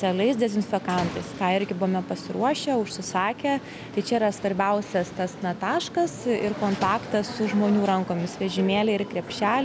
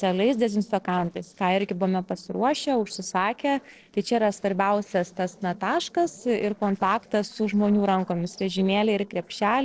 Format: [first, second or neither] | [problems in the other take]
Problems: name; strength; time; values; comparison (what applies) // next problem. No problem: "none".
first | noise reduction (neural separator model SepFormer DNS4)